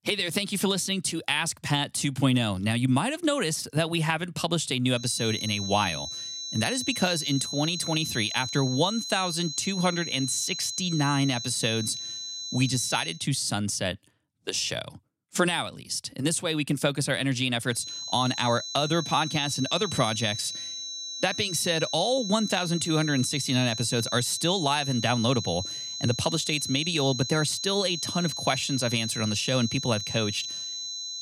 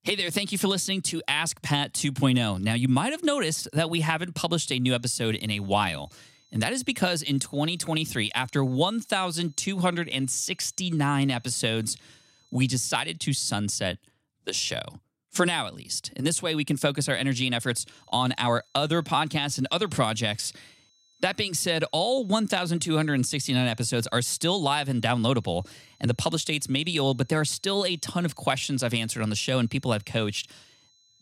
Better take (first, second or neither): second